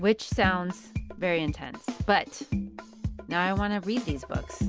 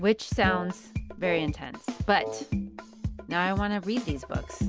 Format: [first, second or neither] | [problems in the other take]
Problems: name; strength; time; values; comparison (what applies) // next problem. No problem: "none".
first | background sound (Wind instrument, woodwind instrument); 10 dB below the speech